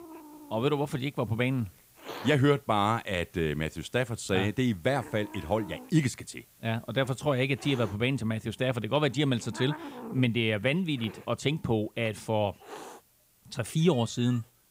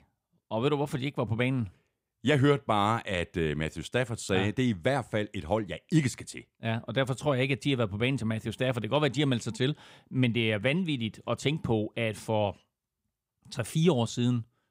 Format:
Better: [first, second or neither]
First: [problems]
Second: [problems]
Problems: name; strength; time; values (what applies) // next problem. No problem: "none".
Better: second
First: hiss; noticeable; throughout; 20 dB below the speech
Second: none